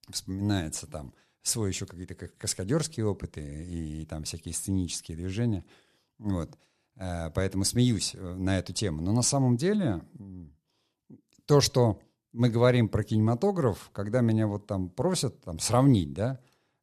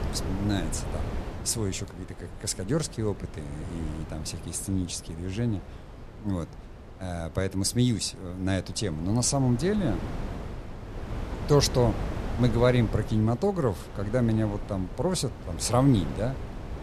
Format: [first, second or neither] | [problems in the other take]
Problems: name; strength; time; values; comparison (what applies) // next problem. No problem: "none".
first | wind noise on the microphone; occasional gusts; 10 dB below the speech